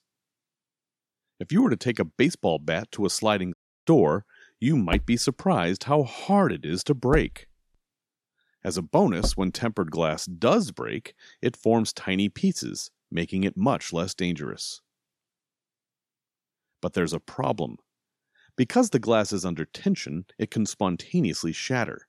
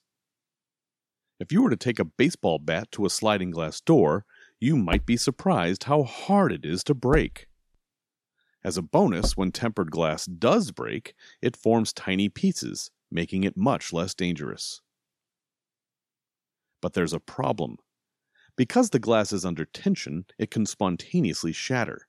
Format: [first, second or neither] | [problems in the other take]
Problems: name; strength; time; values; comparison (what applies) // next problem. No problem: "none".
second | audio cutting out; at 3.5 s